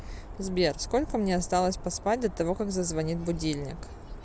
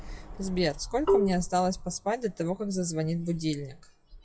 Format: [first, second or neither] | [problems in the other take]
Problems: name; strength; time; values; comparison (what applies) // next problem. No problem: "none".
first | noise reduction (classical method WPE with log-MMSE)